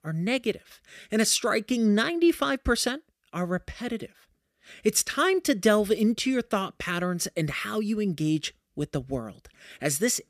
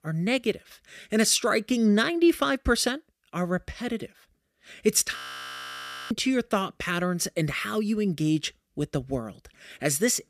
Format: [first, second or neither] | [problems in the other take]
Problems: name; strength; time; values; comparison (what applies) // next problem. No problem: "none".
first | audio freezing; at 5 s for 1 s